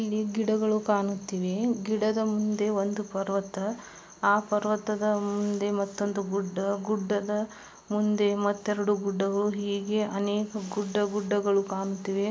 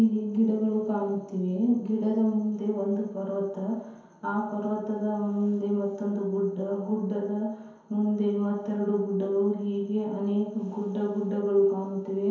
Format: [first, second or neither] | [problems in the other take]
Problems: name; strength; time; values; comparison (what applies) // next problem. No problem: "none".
first | room echo; dies away in 0.9 s